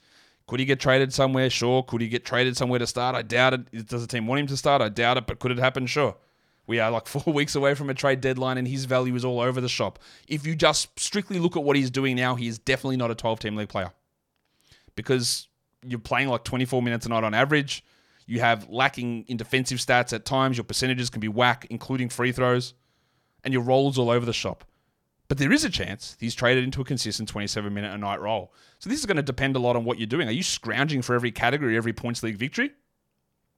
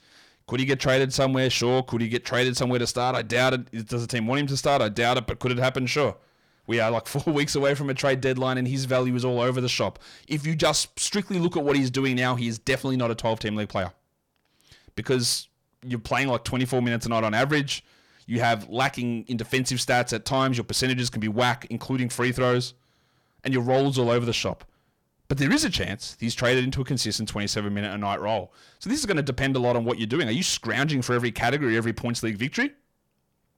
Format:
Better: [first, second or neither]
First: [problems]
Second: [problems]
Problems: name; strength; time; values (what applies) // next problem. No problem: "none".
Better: first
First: none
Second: distortion; slight; 10 dB below the speech